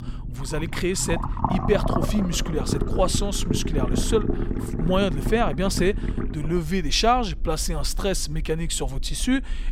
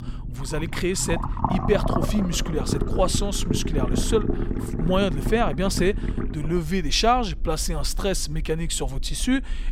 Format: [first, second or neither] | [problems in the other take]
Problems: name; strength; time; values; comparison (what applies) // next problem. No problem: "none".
neither | low rumble; loud; throughout; 7 dB below the speech; the same in both